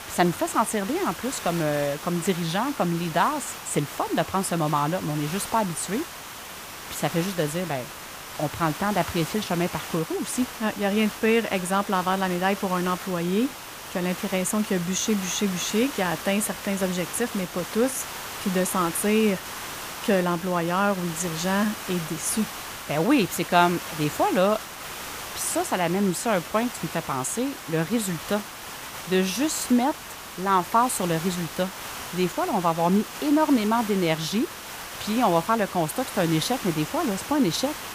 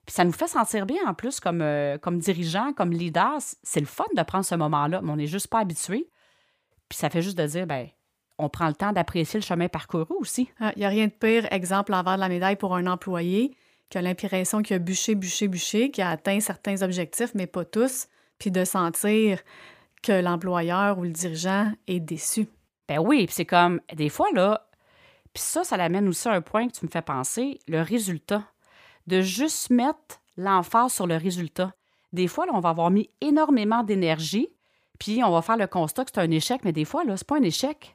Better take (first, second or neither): second